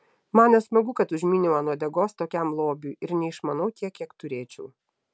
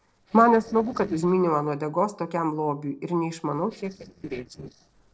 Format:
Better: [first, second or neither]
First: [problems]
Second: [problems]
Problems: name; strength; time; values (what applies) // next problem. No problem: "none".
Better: first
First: none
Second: noise reduction (neural separator model SepFormer DNS4)